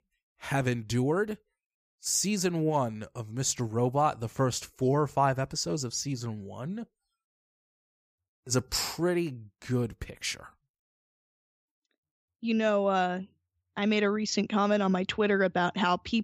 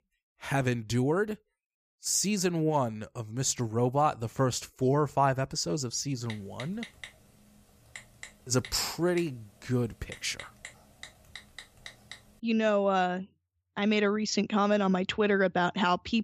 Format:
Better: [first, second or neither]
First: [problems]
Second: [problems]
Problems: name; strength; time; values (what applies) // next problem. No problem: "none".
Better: first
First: none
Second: keyboard typing; faint; from 6.5 to 12 s; peak 15 dB below the speech